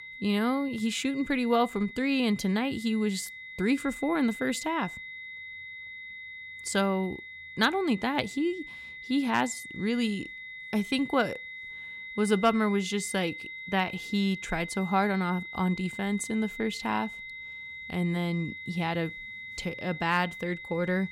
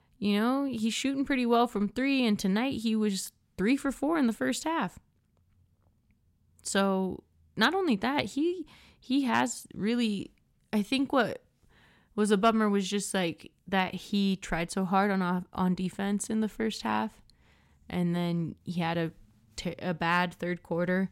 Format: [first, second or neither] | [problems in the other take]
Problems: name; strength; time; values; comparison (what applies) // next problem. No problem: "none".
second | high-pitched whine; noticeable; throughout; 2 kHz, 10 dB below the speech